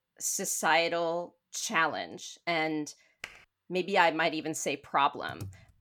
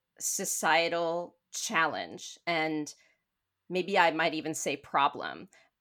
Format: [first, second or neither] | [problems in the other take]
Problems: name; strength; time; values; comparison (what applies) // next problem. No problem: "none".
second | keyboard typing; faint; at 3 s and at 5.5 s; peak 15 dB below the speech